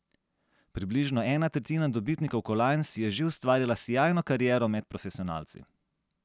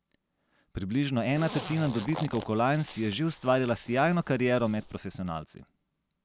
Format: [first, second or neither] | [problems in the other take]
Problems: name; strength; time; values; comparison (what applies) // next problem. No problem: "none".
first | background sound (Zipper (clothing)); 15 dB below the speech